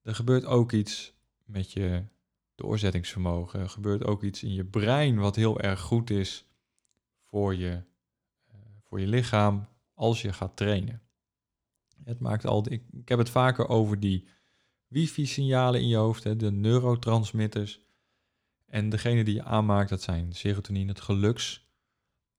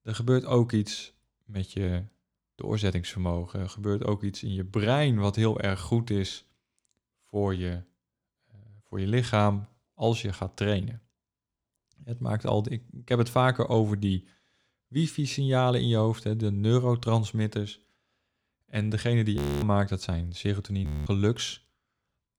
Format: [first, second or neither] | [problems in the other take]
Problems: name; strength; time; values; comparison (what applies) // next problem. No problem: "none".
first | audio freezing; at 19 s and at 21 s